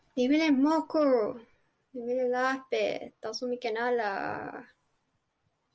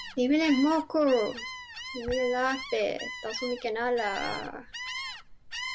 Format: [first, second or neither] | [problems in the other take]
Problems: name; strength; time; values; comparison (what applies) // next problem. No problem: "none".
first | background sound (Gull, seagull); 10 dB below the speech